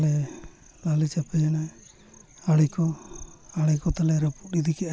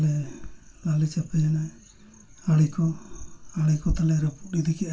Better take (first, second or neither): first